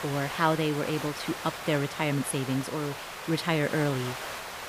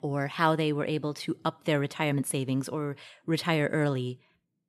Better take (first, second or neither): second